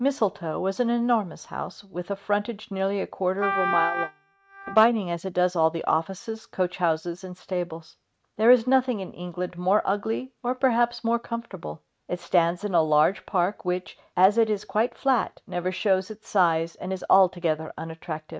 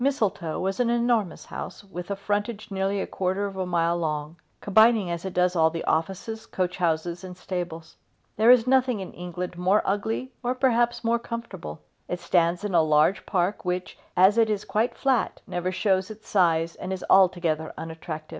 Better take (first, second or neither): second